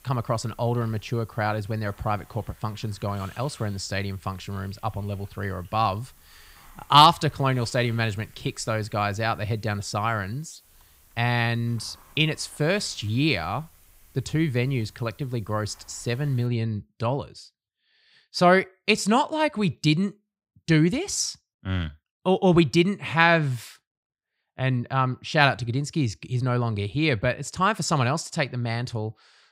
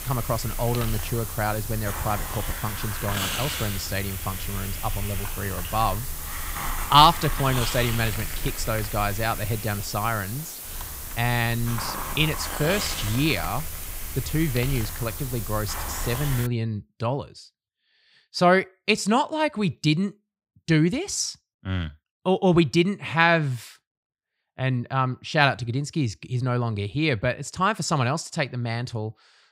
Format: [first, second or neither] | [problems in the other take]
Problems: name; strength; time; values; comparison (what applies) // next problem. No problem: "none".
first | hiss; loud; until 16 s; 6 dB below the speech; faint in the first